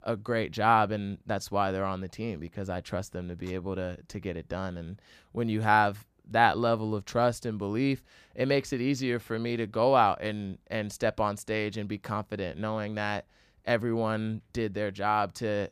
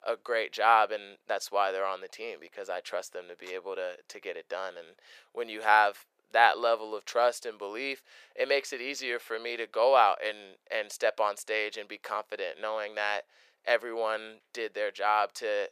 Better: first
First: none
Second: thin; very; fading below 500 Hz

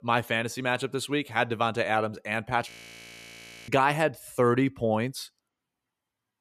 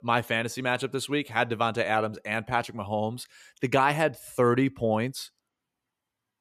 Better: second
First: audio freezing; at 2.5 s for 1 s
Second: none

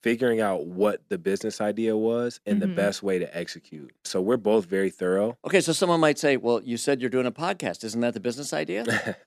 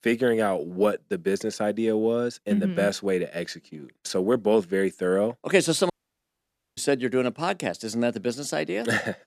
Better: first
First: none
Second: audio cutting out; at 6 s for 1 s

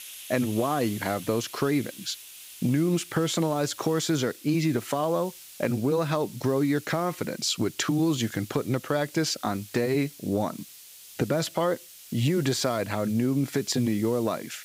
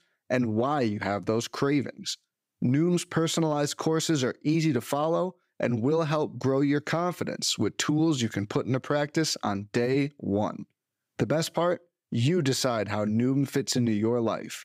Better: second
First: hiss; noticeable; throughout; 15 dB below the speech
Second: none

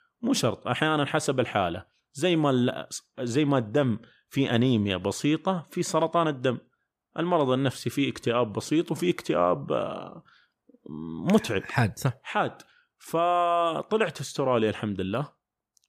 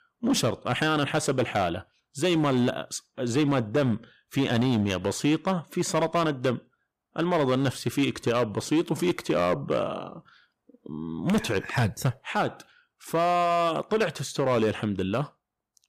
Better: first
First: none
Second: distortion; slight; 7% of the sound clipped

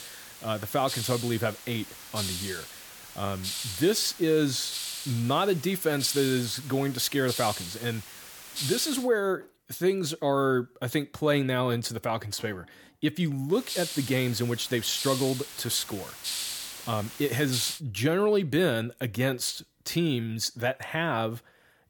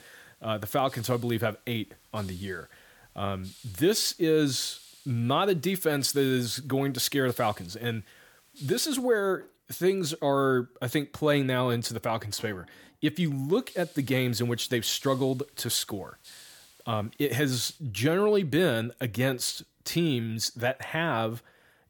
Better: second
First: hiss; loud; until 9 s and from 14 to 18 s; 8 dB below the speech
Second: hiss; faint; until 9 s and from 14 to 18 s; 25 dB below the speech

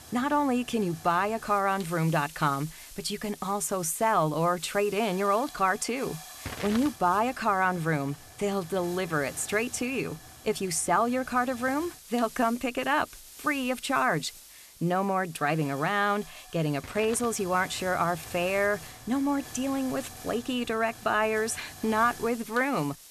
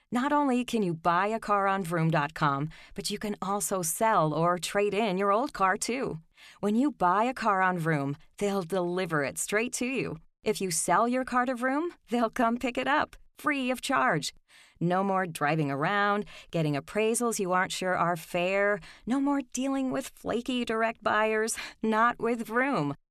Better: second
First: hiss; noticeable; throughout; 15 dB below the speech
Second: none

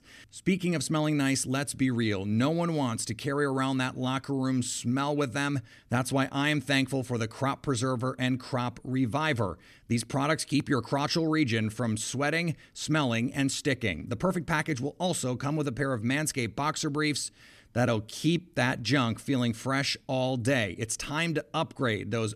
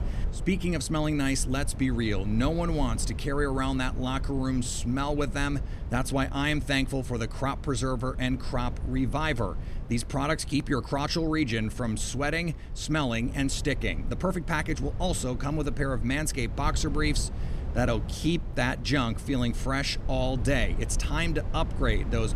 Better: first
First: none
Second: low rumble; noticeable; throughout; 15 dB below the speech

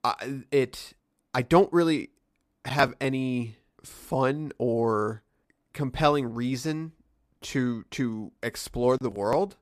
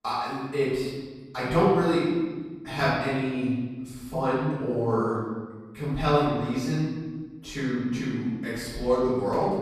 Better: first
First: none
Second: off-mic speech; far // room echo; strong; dies away in 1.3 s

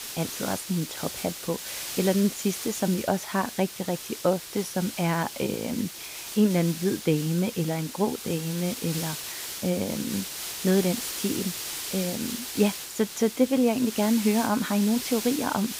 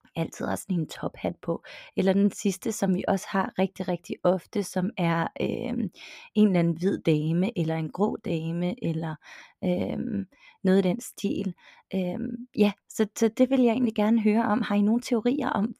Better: second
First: hiss; loud; throughout; 7 dB below the speech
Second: none

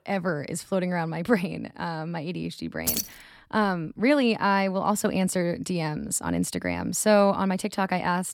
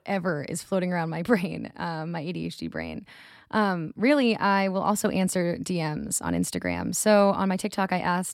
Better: second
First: jangling keys; noticeable; at 3 s; peak 1 dB below the speech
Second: none

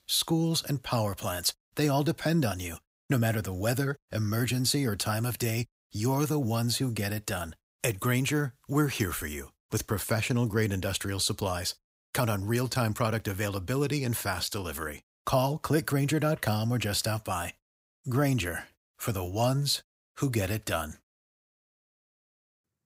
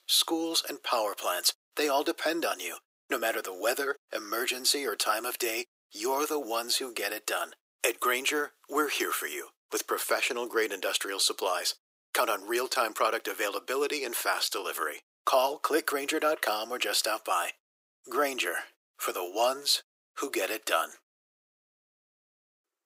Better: first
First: none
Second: thin; very; fading below 350 Hz

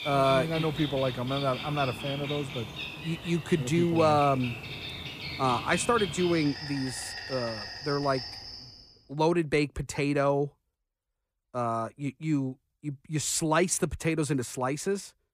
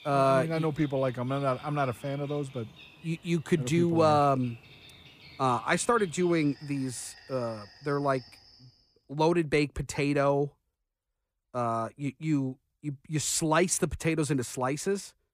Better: second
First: animal sounds; loud; until 8.5 s; 8 dB below the speech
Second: animal sounds; faint; until 8.5 s; 20 dB below the speech

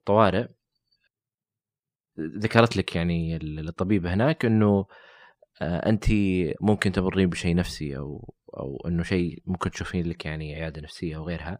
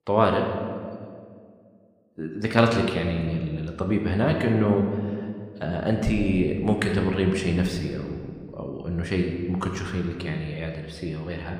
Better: first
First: none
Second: room echo; slight; dies away in 1.5 s

